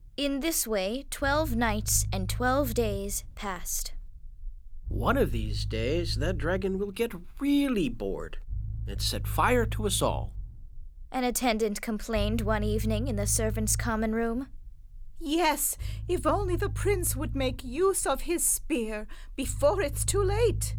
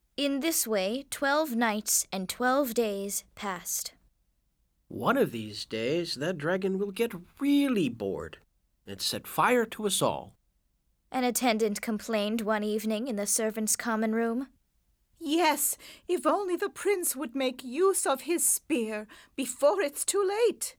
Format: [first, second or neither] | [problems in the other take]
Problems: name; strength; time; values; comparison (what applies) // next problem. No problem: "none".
second | low rumble; faint; throughout; 20 dB below the speech